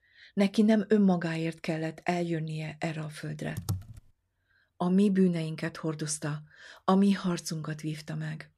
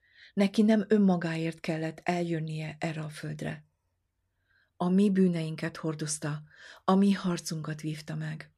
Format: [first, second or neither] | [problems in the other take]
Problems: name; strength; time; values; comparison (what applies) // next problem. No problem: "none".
second | keyboard typing; noticeable; at 3.5 s; peak 7 dB below the speech